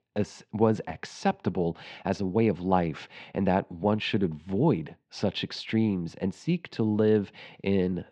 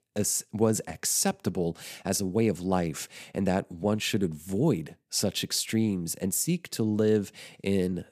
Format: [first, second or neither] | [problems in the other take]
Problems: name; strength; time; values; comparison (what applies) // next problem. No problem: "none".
second | muffled; very; fading above 3.5 kHz